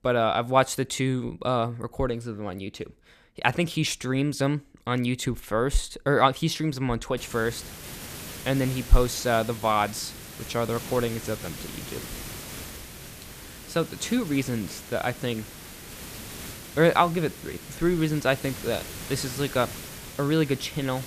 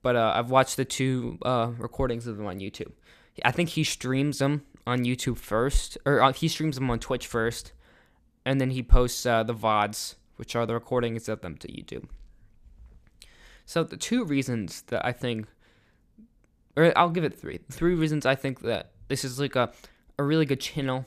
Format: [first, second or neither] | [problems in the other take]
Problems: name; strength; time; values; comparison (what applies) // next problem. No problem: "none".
second | hiss; noticeable; from 7 s on; 10 dB below the speech